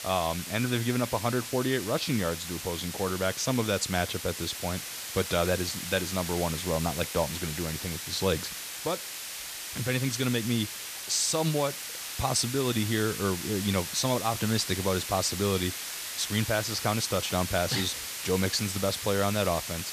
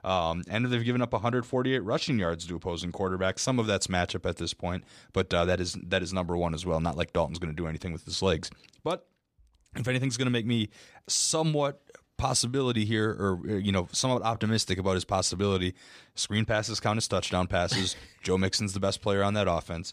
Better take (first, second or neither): second